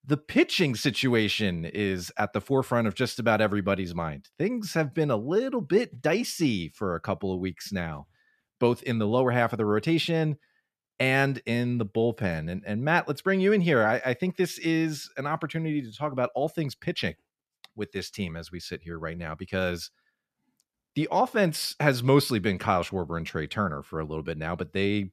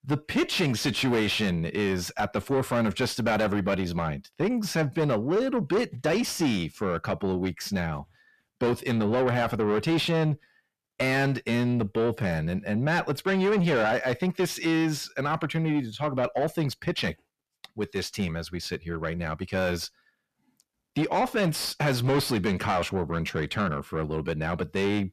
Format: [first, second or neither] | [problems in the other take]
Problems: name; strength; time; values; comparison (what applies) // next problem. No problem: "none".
first | distortion; heavy; 8 dB below the speech